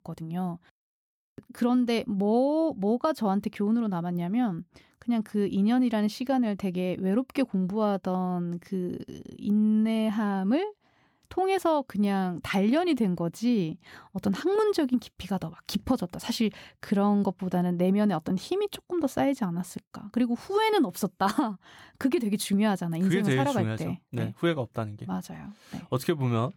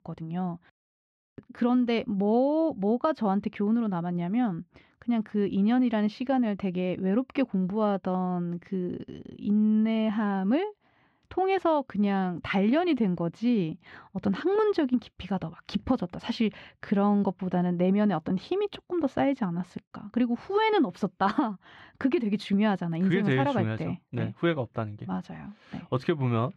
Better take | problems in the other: first | muffled; slightly; fading above 2.5 kHz

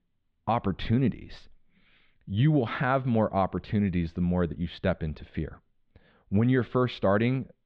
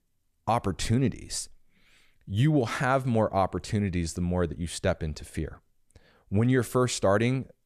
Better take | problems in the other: second | muffled; very; fading above 3.5 kHz

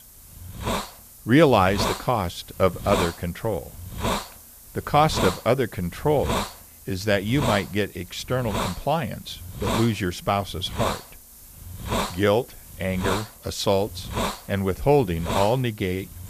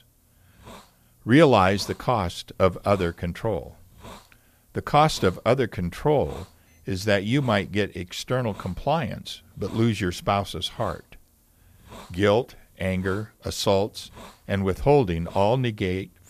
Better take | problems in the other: second | hiss; loud; throughout; 6 dB below the speech; faint in the second

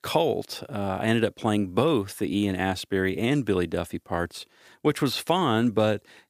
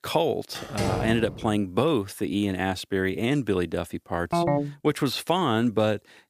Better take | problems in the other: first | door banging; noticeable; from 0.5 to 1.5 s; peak 3 dB below the speech // phone ringing; loud; at 4.5 s; peak 2 dB above the speech

